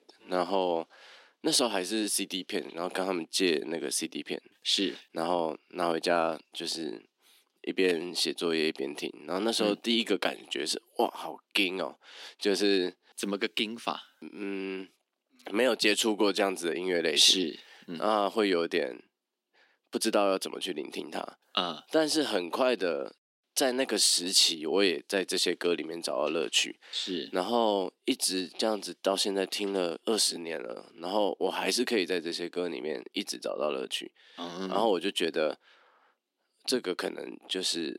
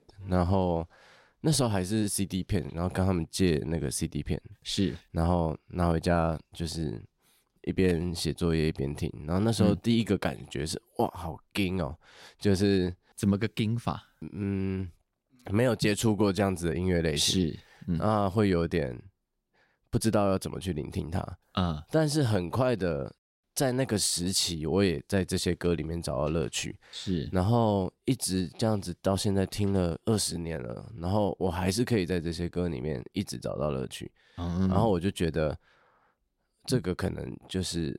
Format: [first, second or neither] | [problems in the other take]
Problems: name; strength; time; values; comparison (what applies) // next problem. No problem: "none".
second | thin; somewhat; fading below 250 Hz